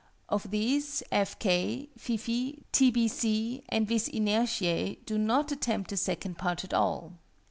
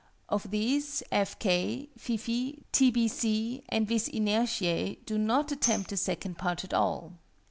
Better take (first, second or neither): first